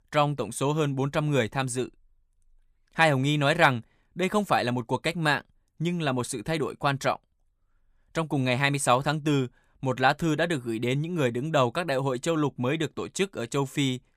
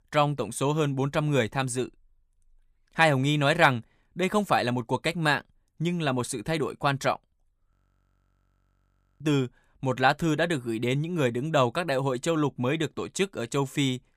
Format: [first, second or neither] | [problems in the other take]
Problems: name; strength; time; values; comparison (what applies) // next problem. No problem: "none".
first | audio freezing; at 7.5 s for 1.5 s